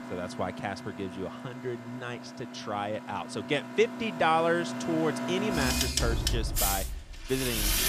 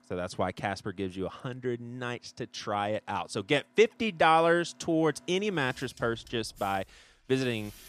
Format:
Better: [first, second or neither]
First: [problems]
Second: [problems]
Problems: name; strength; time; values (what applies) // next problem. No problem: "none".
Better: second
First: machinery noise; loud; throughout; 1 dB below the speech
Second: machinery noise; faint; throughout; 30 dB below the speech